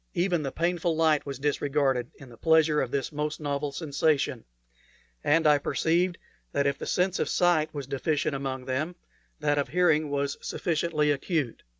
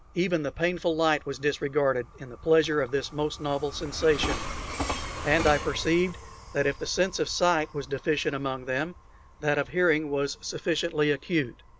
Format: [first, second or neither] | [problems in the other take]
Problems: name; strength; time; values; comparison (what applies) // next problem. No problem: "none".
first | background sound (Train); 12 dB below the speech